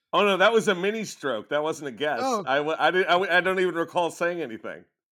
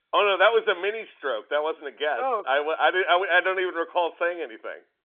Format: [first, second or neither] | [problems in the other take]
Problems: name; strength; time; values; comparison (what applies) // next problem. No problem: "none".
first | phone-call audio; nothing above 3.5 kHz